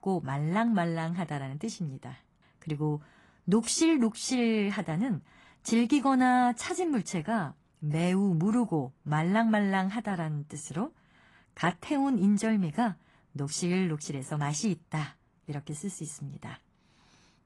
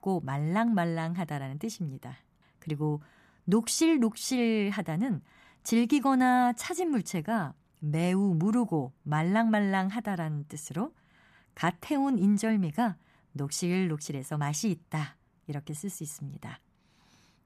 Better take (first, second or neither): second